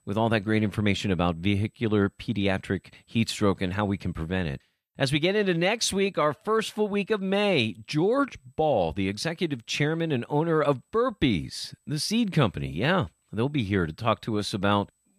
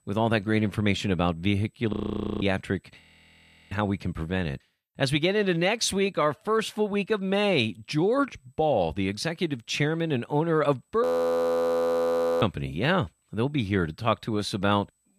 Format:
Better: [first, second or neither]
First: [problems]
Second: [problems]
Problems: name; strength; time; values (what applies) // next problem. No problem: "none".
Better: first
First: none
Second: audio freezing; at 2 s, at 3 s for 0.5 s and at 11 s for 1.5 s